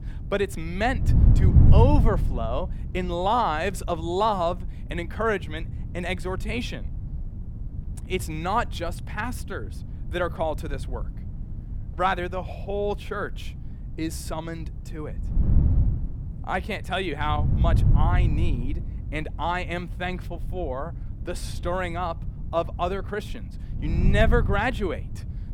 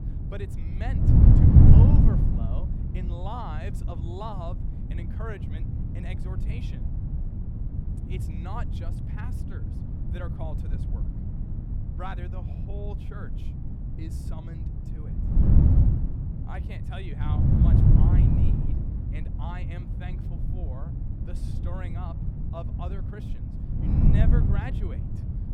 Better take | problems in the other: first | wind noise on the microphone; heavy; 4 dB above the speech; occasional gusts in the first

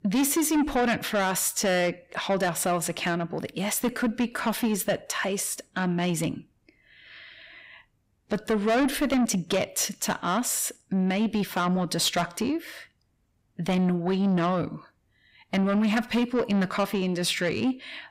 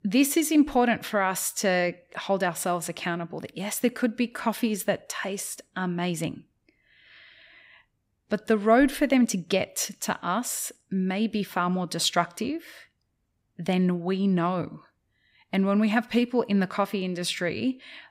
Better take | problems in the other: second | distortion; heavy; 8 dB below the speech

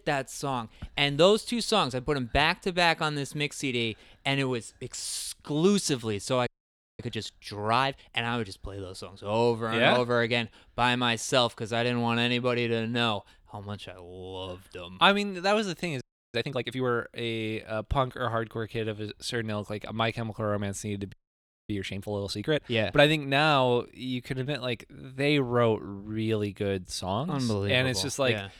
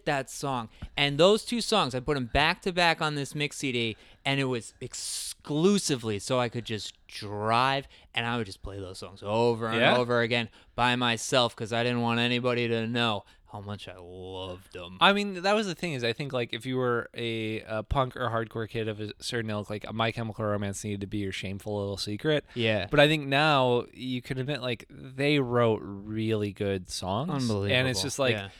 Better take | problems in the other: second | audio freezing; at 6.5 s for 0.5 s, at 16 s and at 21 s for 0.5 s

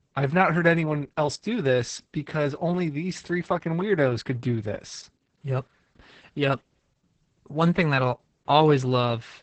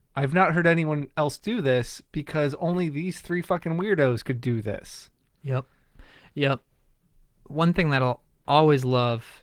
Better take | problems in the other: second | garbled, watery; badly; nothing above 8 kHz; slightly in the second

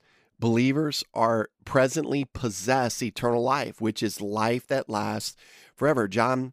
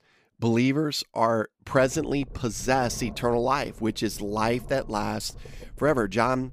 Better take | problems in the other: first | low rumble; faint; from 2 s on; 25 dB below the speech

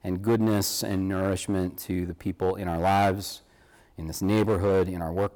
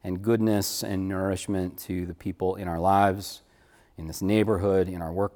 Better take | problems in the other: second | distortion; slight; 5% of the sound clipped

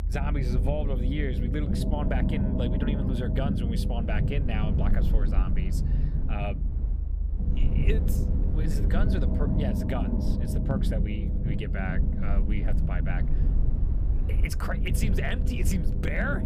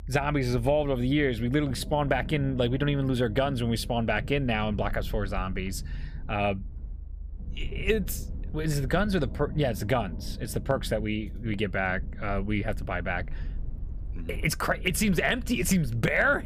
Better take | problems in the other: second | low rumble; loud; throughout; 3 dB below the speech; faint in the second

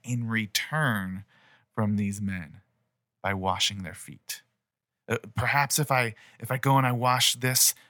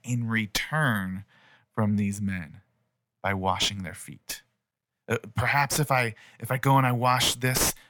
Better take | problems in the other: first | distortion; slight; 9 dB below the speech

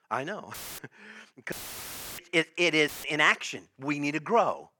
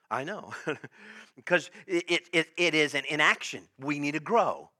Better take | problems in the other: second | audio cutting out; filled with static; at 0.5 s, at 1.5 s for 0.5 s and at 3 s

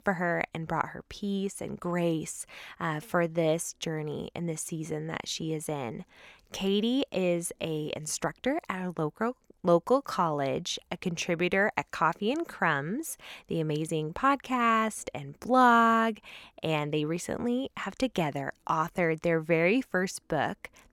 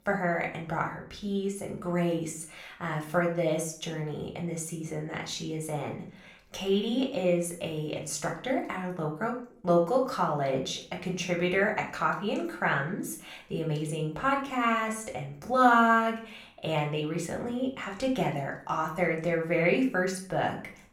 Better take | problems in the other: first | room echo; slight; dies away in 0.4 s // off-mic speech; somewhat distant

